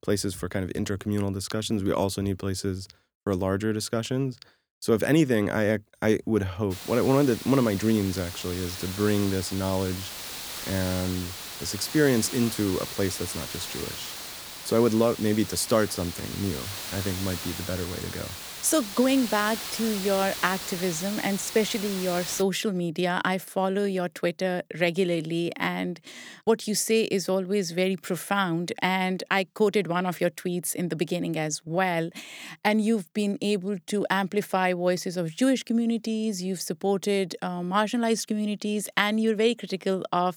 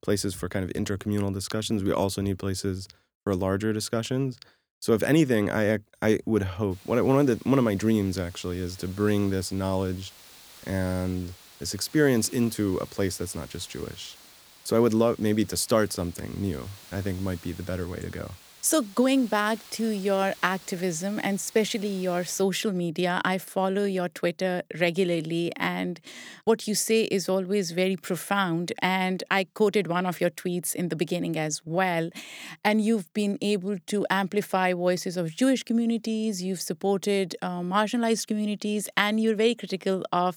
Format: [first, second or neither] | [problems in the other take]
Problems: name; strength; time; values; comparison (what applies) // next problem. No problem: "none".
second | hiss; loud; from 6.5 to 22 s; 8 dB below the speech; faint in the second